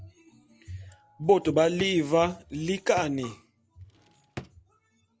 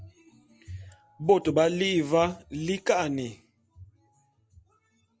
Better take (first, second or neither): second